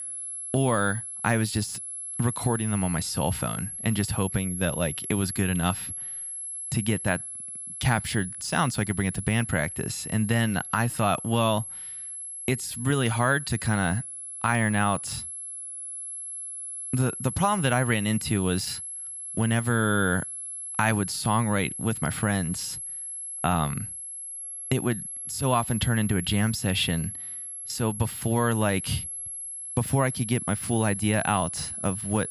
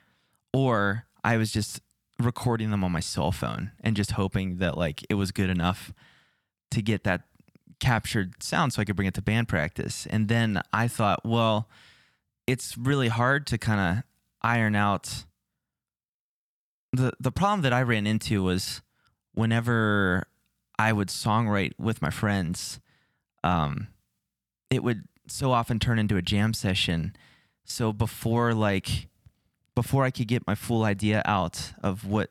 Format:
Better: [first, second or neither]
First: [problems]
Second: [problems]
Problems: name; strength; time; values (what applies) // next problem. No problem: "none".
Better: second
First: high-pitched whine; loud; throughout; 11 kHz, 7 dB below the speech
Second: none